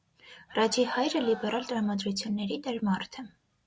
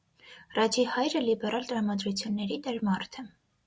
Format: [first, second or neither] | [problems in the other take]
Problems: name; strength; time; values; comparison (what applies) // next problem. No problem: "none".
second | background sound (Cheering); 16 dB below the speech